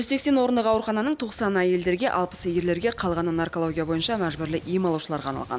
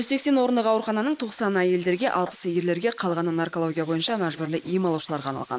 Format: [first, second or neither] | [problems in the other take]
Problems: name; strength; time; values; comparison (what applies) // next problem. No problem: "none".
first | noise reduction (neural mask model Resemble Enhance denoiser)